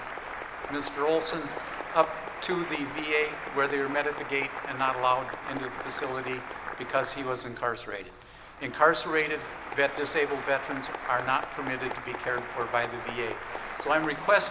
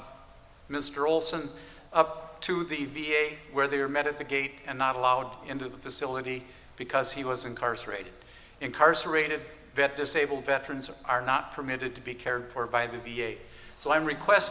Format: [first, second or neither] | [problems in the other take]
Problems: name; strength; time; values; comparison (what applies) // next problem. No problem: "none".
second | background sound (Applause); 8 dB below the speech